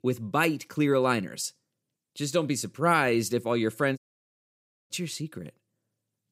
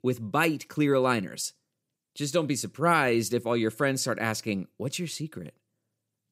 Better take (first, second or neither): second